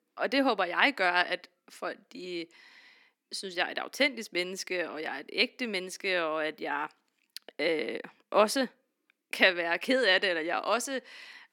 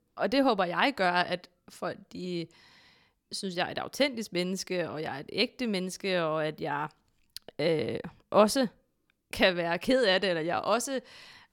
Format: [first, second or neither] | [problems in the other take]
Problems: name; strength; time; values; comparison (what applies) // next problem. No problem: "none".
second | thin; very slightly; fading below 250 Hz